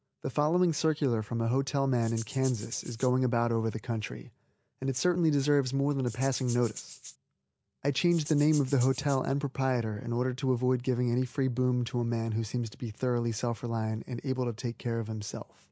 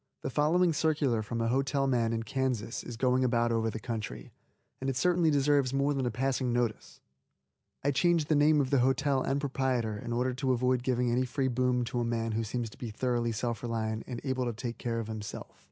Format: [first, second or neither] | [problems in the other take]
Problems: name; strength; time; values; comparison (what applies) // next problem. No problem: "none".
second | background sound (Rattle (instrument)); 16 dB below the speech